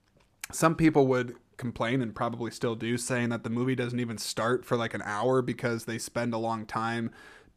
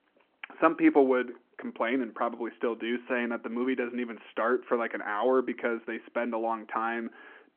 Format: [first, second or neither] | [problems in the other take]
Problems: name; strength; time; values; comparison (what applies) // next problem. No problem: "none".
first | phone-call audio